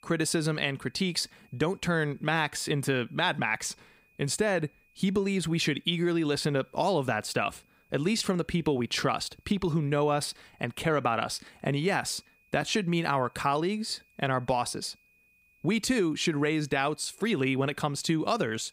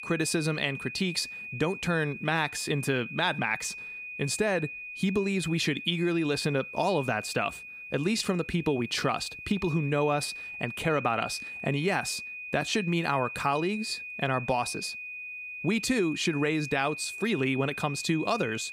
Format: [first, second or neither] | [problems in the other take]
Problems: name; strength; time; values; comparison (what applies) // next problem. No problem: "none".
first | high-pitched whine; loud; throughout; 2.5 kHz, 9 dB below the speech; faint in the first